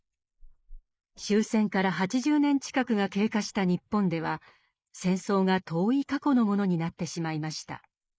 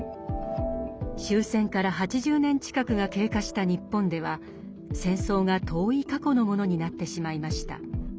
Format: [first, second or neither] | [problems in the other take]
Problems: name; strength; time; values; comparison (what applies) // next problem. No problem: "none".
second | noise reduction (neural mask model Resemble Enhance denoiser)